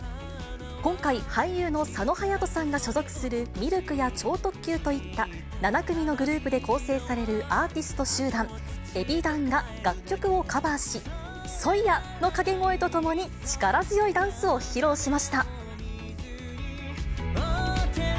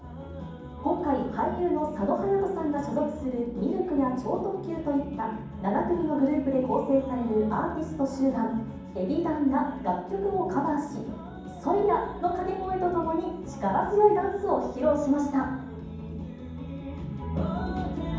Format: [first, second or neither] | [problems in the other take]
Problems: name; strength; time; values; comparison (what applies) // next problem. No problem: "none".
first | room echo; dies away in 1.2 s